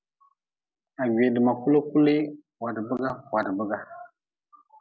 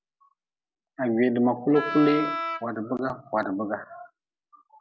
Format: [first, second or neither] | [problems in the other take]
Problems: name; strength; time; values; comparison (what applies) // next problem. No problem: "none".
first | background sound (Wind instrument, woodwind instrument); 4 dB below the speech